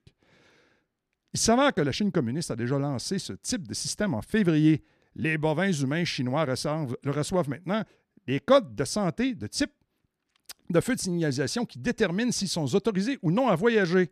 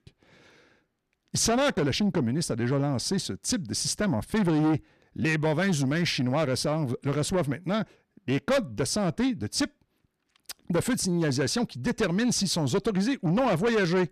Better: first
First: none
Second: distortion; heavy; 8 dB below the speech

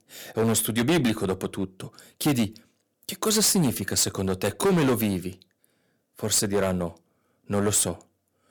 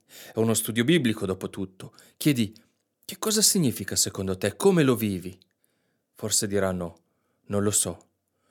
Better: second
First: distortion; heavy; 8% of the sound clipped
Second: none

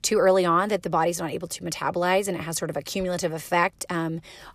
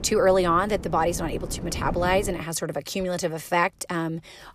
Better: first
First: none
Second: wind noise on the microphone; occasional gusts; until 2.5 s; 15 dB below the speech

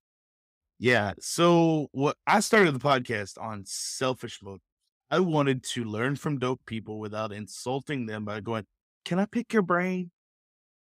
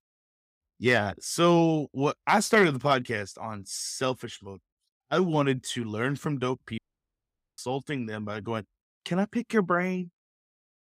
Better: first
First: none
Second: audio cutting out; at 7 s for 1 s

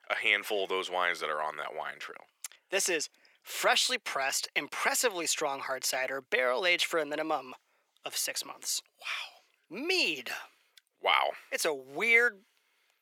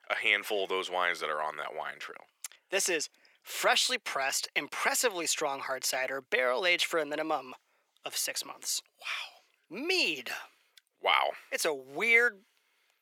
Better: neither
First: thin; very; fading below 450 Hz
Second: thin; very; fading below 450 Hz

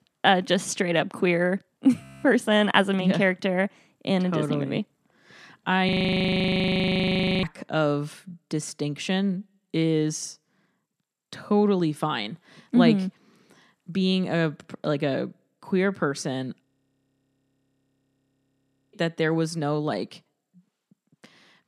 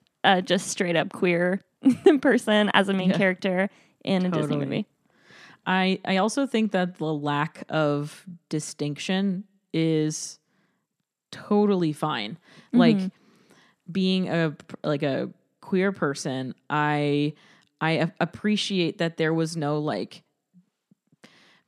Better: second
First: audio freezing; at 2 s, at 6 s for 1.5 s and at 17 s for 2.5 s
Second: none

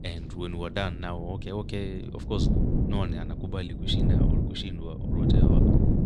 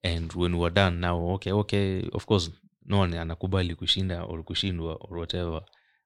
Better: second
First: wind noise on the microphone; heavy; 2 dB above the speech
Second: none

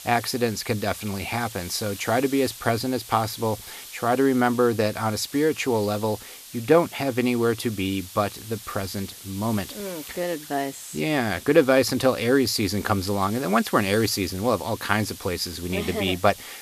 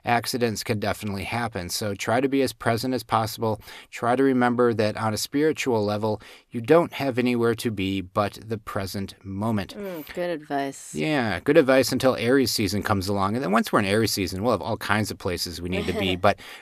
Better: second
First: hiss; noticeable; throughout; 15 dB below the speech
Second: none

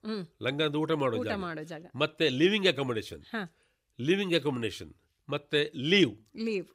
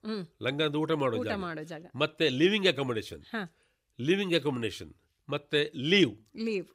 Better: neither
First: none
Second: none

